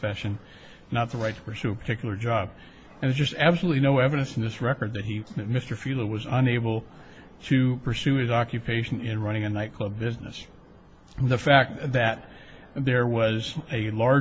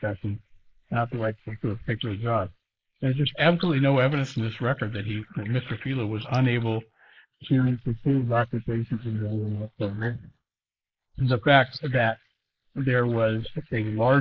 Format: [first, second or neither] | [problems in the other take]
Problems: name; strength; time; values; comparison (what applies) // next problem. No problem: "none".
first | noise reduction (neural mask model Resemble Enhance denoiser)